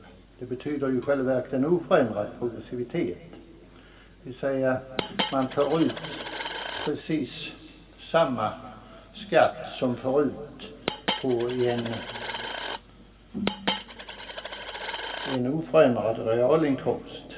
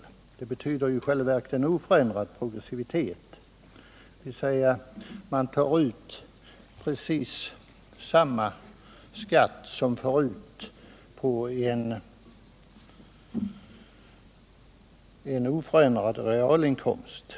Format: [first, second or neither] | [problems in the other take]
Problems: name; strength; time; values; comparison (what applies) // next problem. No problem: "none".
second | background sound (Coin (dropping)); 6 dB below the speech // room echo; dies away in 2.8 s